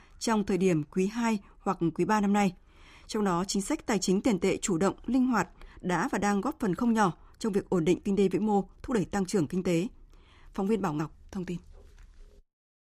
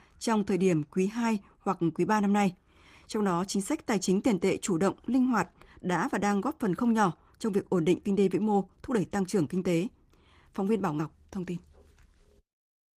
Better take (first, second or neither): first